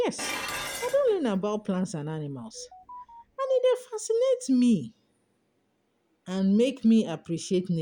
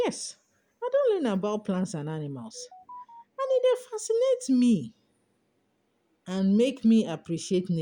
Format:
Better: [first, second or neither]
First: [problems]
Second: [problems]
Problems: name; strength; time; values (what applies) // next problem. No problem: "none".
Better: second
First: background sound (Dishes, pots, and pans); 12 dB below the speech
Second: none